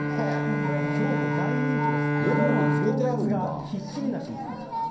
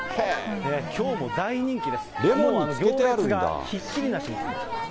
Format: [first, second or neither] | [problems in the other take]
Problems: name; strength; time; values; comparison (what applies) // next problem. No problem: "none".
second | background sound (Bowed string instrument); 1 dB above the speech // room echo; dies away in 0.6 s